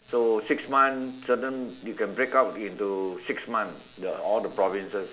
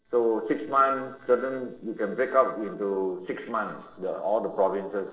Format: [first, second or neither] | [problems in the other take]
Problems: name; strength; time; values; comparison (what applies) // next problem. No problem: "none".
first | noise reduction (neural separator model SepFormer DNS4)